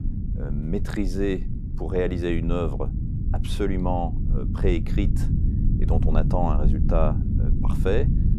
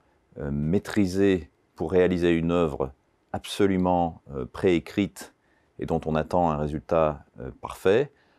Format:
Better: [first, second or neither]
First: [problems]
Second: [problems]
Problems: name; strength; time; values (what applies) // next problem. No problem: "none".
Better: second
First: low rumble; loud; throughout; 9 dB below the speech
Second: none